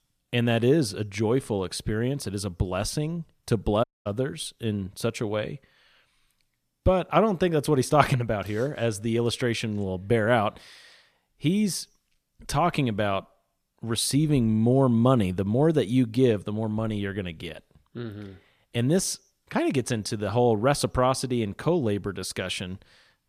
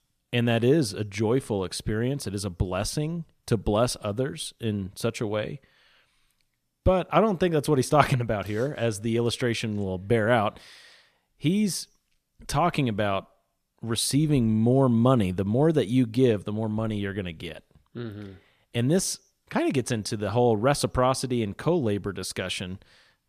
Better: second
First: audio cutting out; at 4 s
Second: none

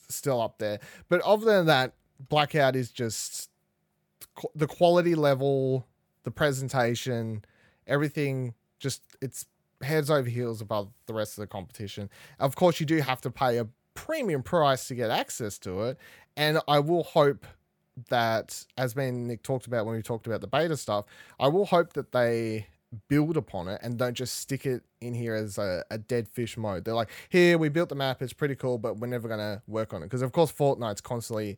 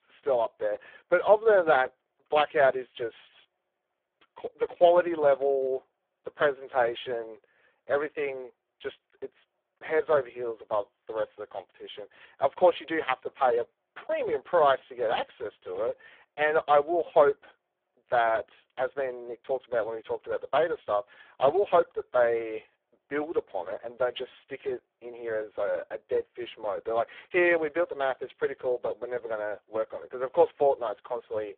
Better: first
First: none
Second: phone-call audio; poor line

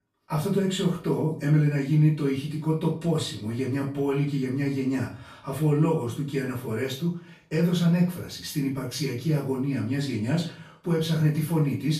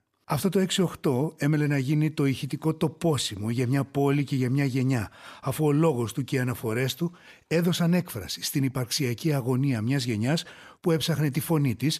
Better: second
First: off-mic speech; far // room echo; slight; dies away in 0.4 s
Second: none

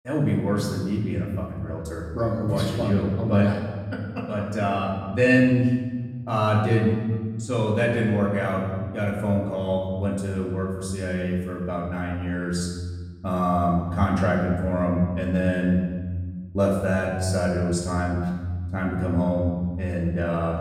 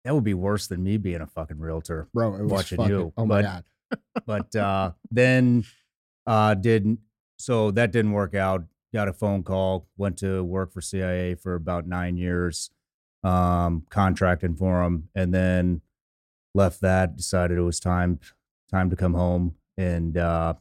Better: second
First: room echo; noticeable; dies away in 1.5 s // off-mic speech; far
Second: none

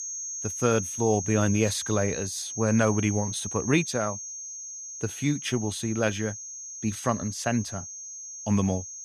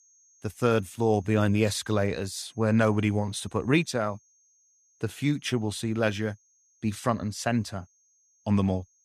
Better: second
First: high-pitched whine; loud; throughout; 6.5 kHz, 7 dB below the speech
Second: high-pitched whine; faint; throughout; 6.5 kHz, 35 dB below the speech

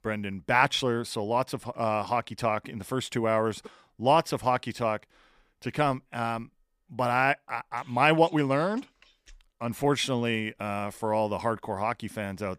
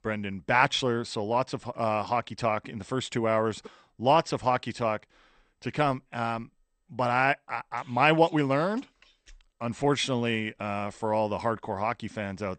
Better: first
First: none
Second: garbled, watery; slightly; nothing above 8.5 kHz

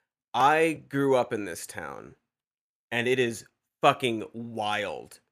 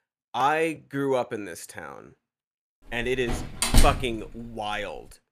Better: first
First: none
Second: door banging; loud; at 3.5 s; peak 6 dB above the speech

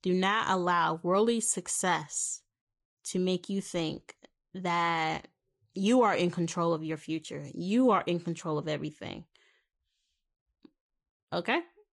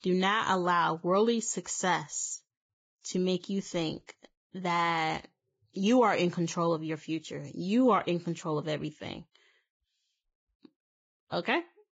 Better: first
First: garbled, watery; slightly; nothing above 11 kHz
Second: garbled, watery; badly; nothing above 7.5 kHz

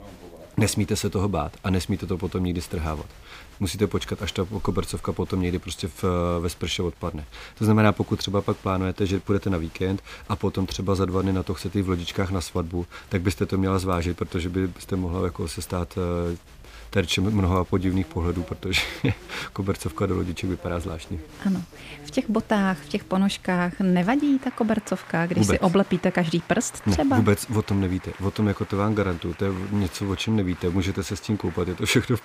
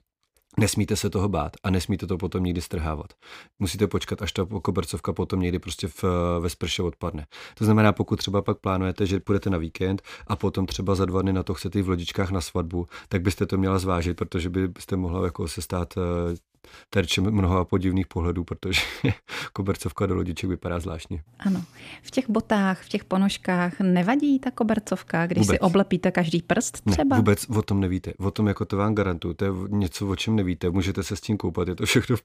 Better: second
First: crowd noise; faint; throughout; 20 dB below the speech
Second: none

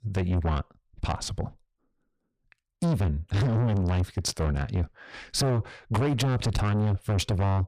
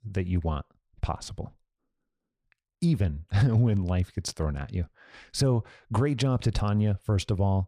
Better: second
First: distortion; heavy; 7 dB below the speech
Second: none

